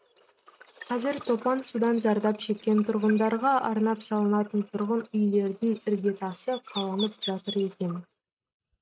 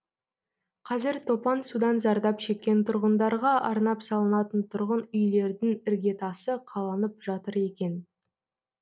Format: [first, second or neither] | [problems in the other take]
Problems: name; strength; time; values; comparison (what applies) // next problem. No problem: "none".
second | noise reduction (neural mask model RNNoise)